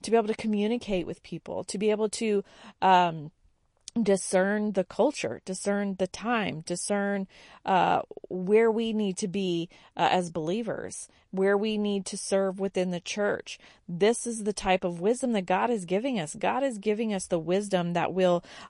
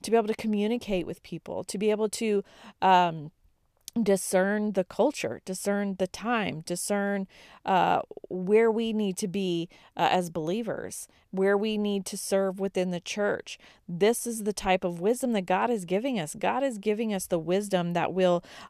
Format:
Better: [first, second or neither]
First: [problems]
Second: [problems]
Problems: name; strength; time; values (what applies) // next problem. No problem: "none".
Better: second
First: garbled, watery; slightly; nothing above 10.5 kHz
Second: none